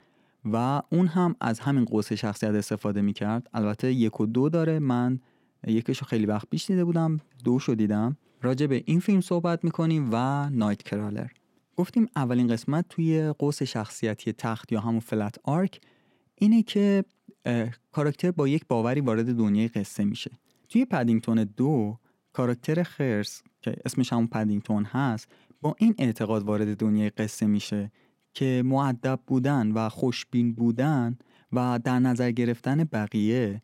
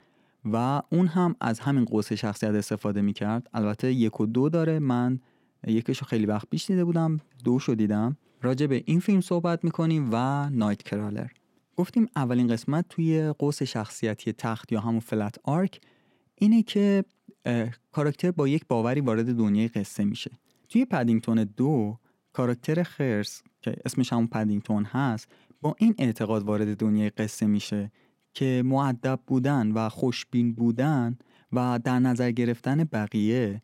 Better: neither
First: none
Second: none

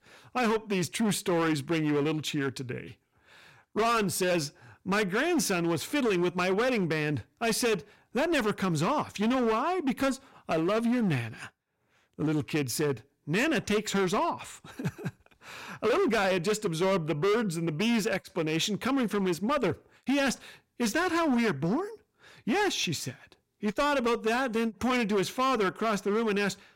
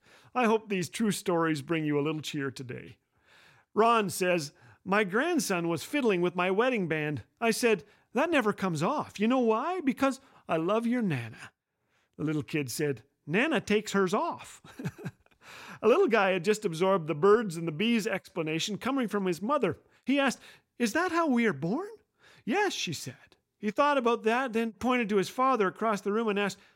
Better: second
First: distortion; heavy; 15% of the sound clipped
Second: none

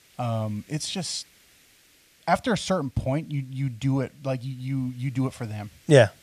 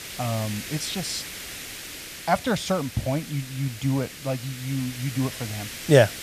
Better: first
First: hiss; faint; throughout; 30 dB below the speech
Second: hiss; loud; throughout; 9 dB below the speech

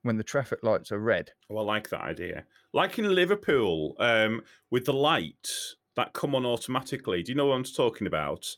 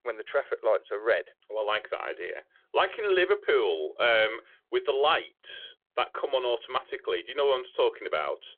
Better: first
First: none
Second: phone-call audio

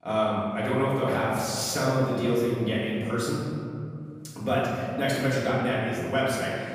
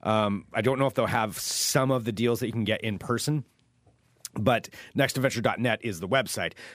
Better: second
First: room echo; strong; dies away in 2.1 s // off-mic speech; far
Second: none

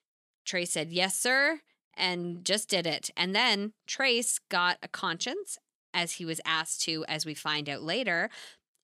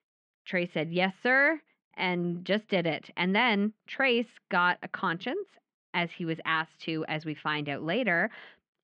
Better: first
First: none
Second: muffled; very; fading above 2.5 kHz

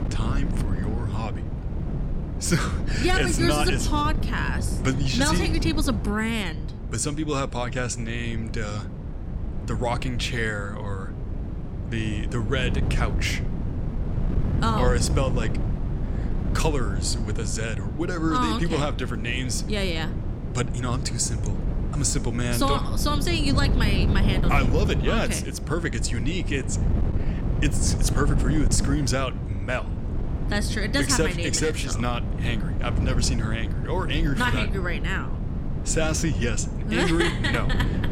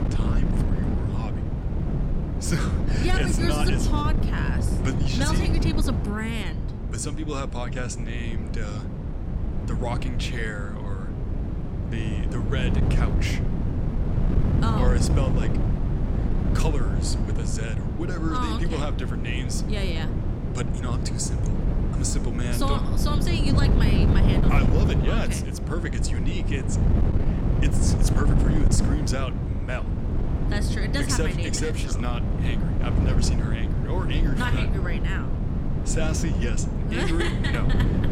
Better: first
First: wind noise on the microphone; occasional gusts; 10 dB below the speech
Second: wind noise on the microphone; heavy; 3 dB below the speech

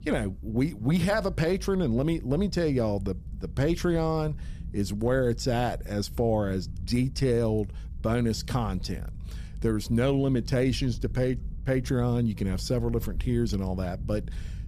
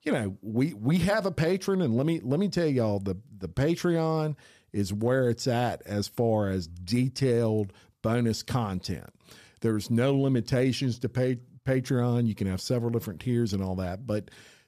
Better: second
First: low rumble; faint; throughout; 25 dB below the speech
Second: none

